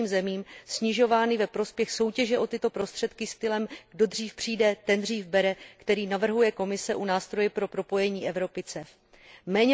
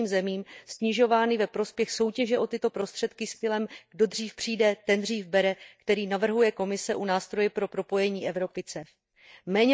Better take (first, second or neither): first